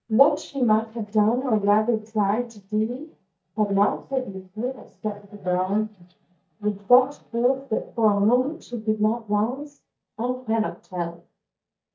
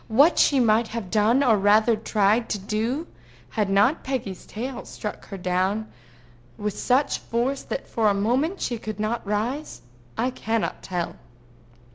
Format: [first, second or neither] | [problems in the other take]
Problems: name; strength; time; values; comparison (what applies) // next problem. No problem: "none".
second | noise reduction (neural mask model DeepFilterNet 3)